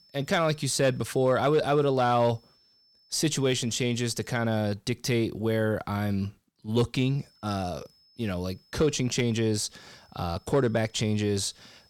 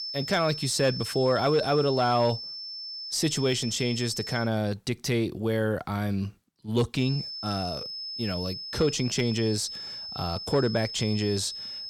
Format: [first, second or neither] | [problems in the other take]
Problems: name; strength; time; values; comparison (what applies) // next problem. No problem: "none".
first | high-pitched whine; loud; until 4.5 s and from 7 s on; 5.5 kHz, 7 dB below the speech; faint in the first